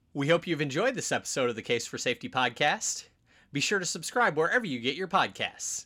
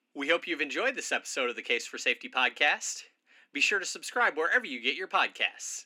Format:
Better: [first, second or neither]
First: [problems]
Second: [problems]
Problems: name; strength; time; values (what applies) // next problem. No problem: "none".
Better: first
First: none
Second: thin; very slightly; fading below 250 Hz